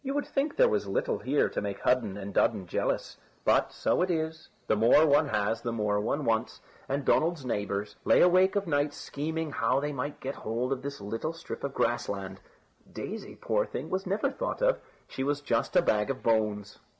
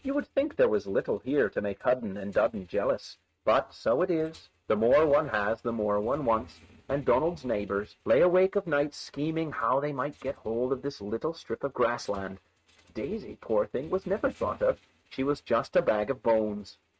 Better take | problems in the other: first | noise reduction (neural mask model RNNoise)

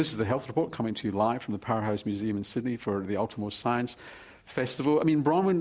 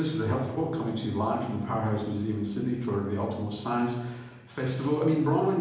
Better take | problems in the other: first | room echo; dies away in 1 s

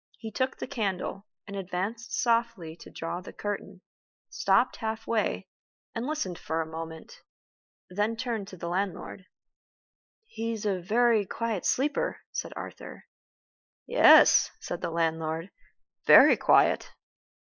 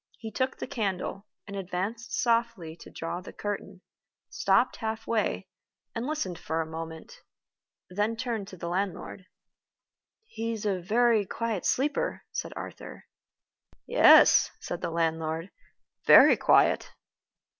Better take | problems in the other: second | noise reduction (neural mask model Resemble Enhance denoiser)

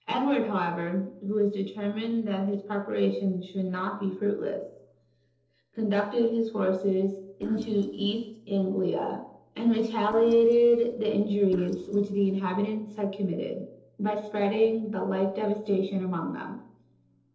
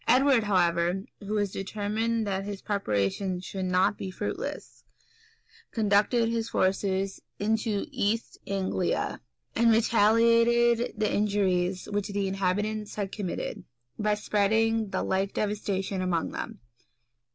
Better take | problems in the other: second | noise reduction (neural separator model SepFormer DNS4)

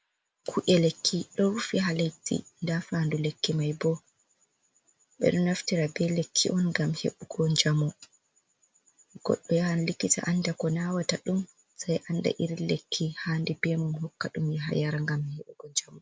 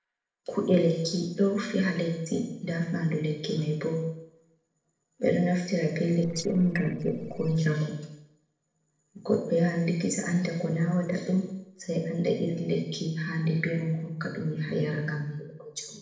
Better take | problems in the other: first | noise reduction (neural separator model SepFormer DNS4)

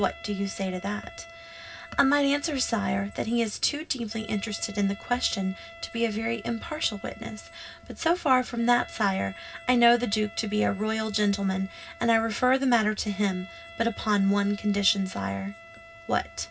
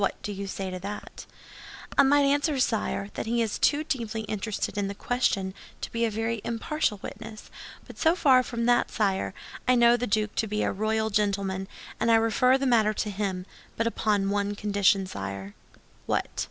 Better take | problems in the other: second | background sound (Wind instrument, woodwind instrument); 20 dB below the speech // room echo; dies away in 0.4 s

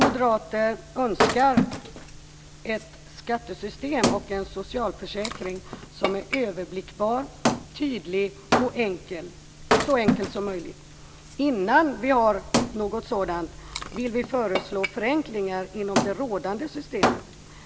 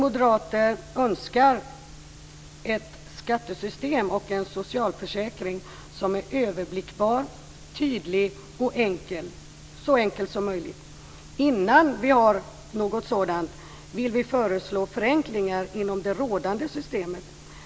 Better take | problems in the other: second | background sound (Wood); 3 dB below the speech

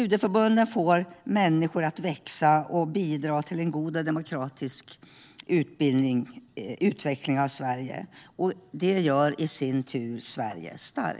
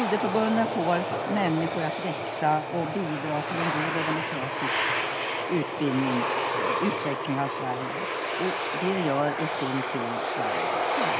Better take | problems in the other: first | background sound (Aircraft); as loud as the speech

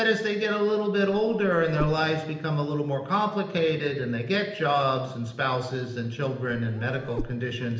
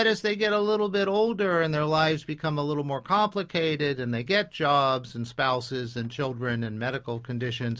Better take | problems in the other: second | background sound (Meow); 11 dB below the speech // room echo; dies away in 0.8 s

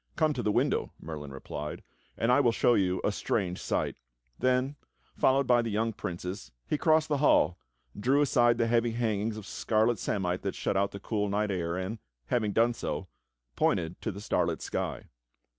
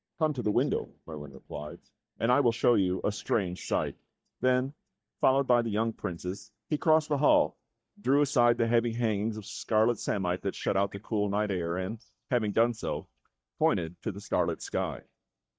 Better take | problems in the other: first | noise reduction (neural mask model DeepFilterNet 3)

